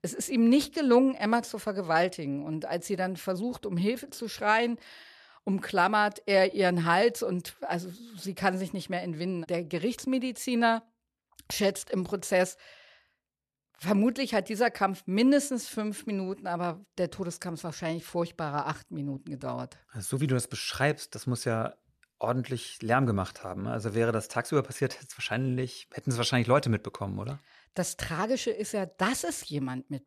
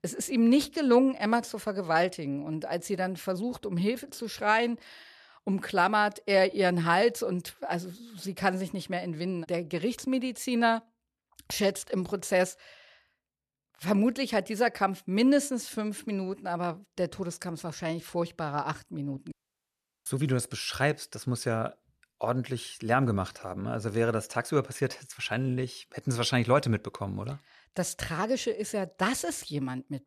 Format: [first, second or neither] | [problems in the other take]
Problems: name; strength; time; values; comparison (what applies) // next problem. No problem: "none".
first | audio cutting out; at 19 s for 0.5 s